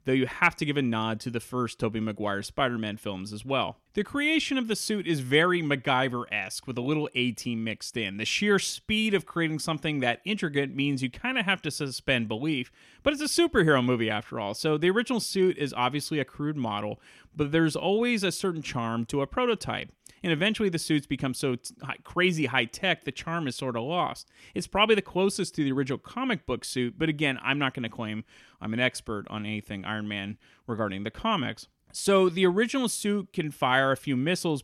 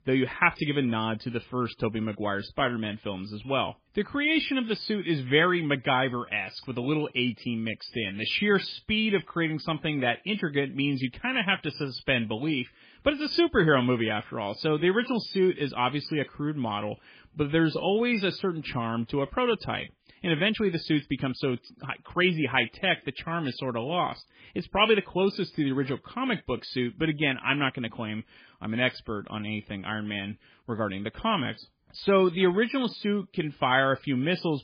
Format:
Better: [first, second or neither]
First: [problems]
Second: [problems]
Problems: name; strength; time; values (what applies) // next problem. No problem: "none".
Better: first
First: none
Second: garbled, watery; badly